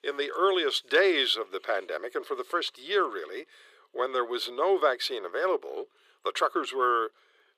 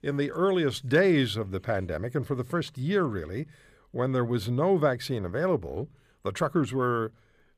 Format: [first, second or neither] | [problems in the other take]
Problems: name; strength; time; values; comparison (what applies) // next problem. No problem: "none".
second | thin; very; fading below 350 Hz